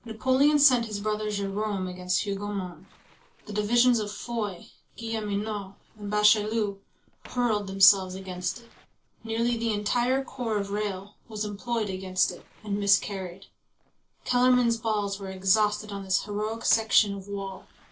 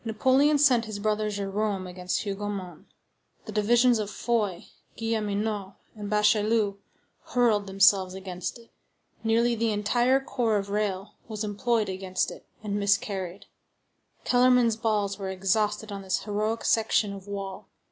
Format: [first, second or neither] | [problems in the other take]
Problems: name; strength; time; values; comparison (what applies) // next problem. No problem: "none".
second | noise reduction (neural separator model SepFormer DNS4)